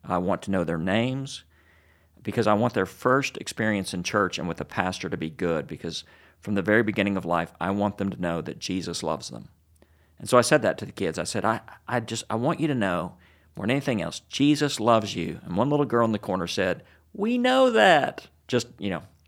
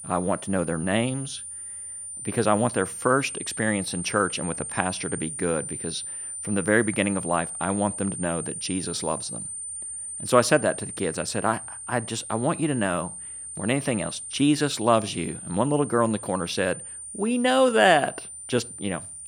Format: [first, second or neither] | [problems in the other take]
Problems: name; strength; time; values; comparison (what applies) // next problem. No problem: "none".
first | high-pitched whine; loud; throughout; 9 kHz, 8 dB below the speech